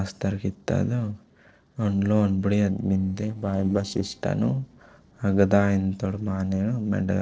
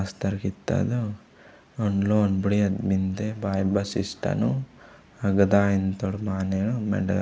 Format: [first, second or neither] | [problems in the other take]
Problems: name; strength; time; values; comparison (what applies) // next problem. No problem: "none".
second | noise reduction (neural separator model SepFormer DNS4)